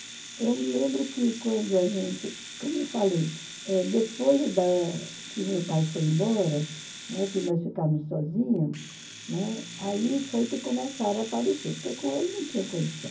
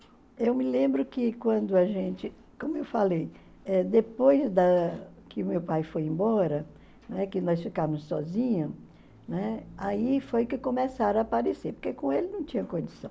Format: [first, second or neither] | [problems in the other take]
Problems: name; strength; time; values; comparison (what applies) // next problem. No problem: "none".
second | background sound (Domestic sounds, home sounds); 14 dB below the speech // room echo; dies away in 0.4 s